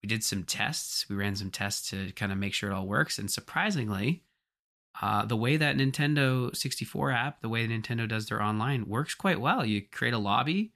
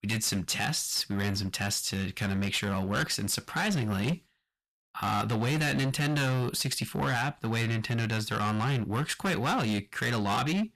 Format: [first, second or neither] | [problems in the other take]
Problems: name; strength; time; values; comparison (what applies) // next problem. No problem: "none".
first | distortion; heavy; 21% of the sound clipped